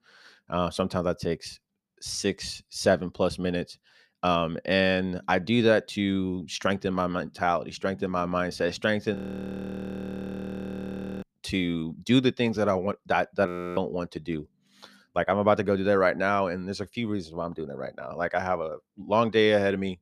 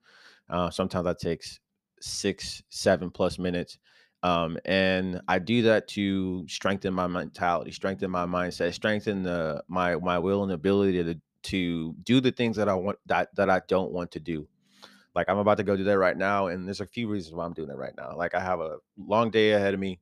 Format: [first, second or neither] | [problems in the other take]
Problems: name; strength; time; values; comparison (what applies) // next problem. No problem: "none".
second | audio freezing; at 9 s for 2 s and at 13 s